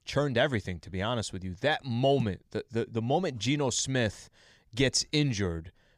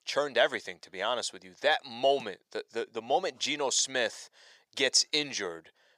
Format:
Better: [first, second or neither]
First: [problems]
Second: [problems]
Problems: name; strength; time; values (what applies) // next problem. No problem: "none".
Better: first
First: none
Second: thin; very; fading below 600 Hz